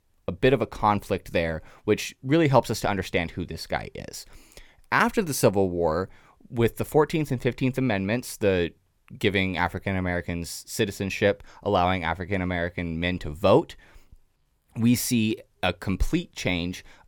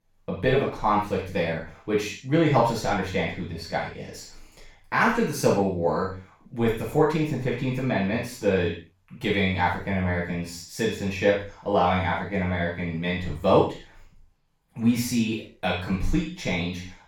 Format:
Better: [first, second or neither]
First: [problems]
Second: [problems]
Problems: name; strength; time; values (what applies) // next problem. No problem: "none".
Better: first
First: none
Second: room echo; noticeable; dies away in 0.4 s // off-mic speech; far